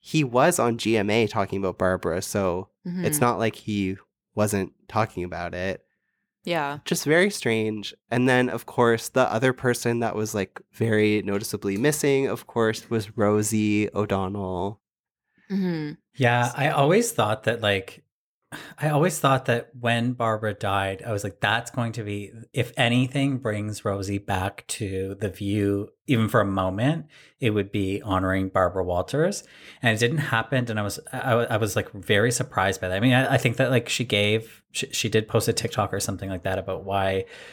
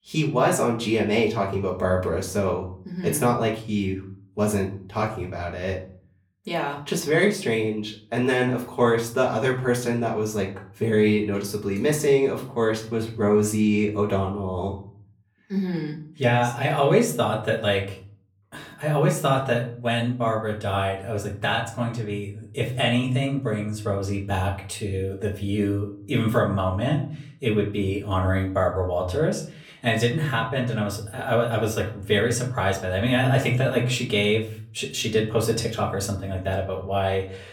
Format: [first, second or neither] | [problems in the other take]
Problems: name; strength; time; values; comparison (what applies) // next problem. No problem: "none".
first | off-mic speech; far // room echo; slight; dies away in 0.5 s